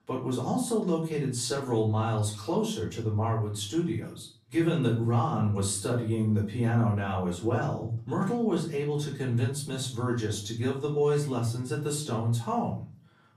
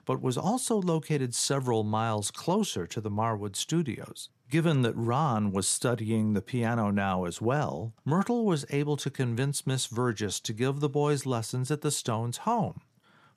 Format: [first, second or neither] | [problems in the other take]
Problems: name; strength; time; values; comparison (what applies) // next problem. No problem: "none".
second | room echo; slight; dies away in 0.4 s // off-mic speech; far